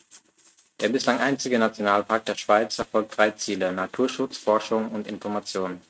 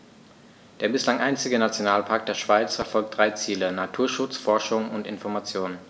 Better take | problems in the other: second | noise reduction (neural mask model RNNoise)

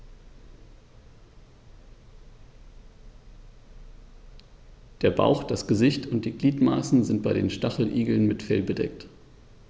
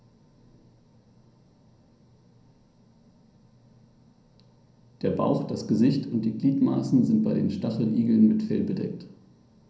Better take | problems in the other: first | room echo; dies away in 0.6 s

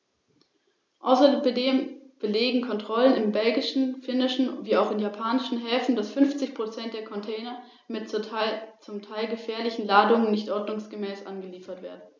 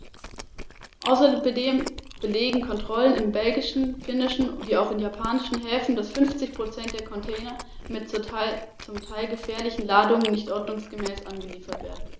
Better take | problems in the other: first | background sound (Chewing, mastication); 13 dB below the speech

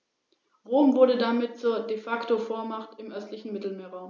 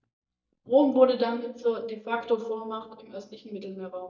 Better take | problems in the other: first | noise reduction (neural mask model DeepFilterNet 3)

